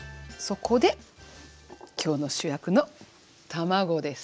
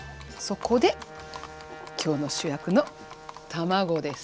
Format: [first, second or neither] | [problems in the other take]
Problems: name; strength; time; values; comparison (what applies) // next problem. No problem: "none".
first | background sound (Livestock, farm animals, working animals + Brass instrument); 15 dB below the speech